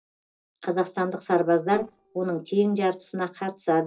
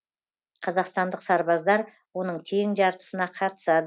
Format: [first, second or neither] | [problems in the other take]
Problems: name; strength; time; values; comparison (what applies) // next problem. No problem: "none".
second | noise reduction (neural separator model SepFormer DNS4)